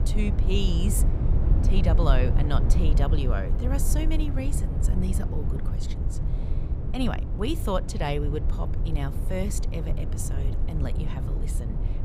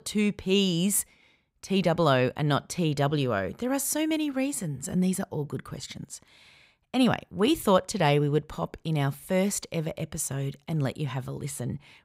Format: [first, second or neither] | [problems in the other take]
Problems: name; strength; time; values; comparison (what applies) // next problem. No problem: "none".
second | low rumble; loud; throughout; 6 dB below the speech